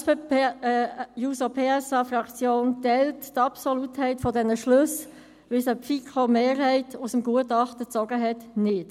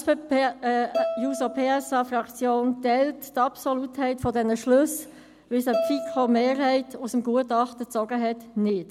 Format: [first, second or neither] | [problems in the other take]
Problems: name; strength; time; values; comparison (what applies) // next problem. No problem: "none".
first | background sound (Bowed string instrument); 7 dB below the speech